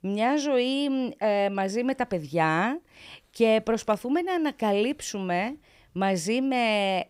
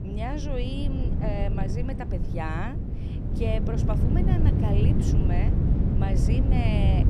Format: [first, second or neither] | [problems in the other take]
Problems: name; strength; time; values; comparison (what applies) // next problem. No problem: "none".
first | wind noise on the microphone; heavy; 1 dB below the speech